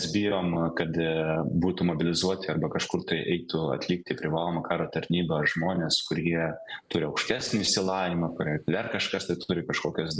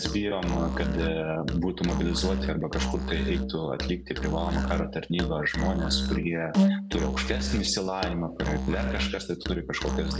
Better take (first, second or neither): first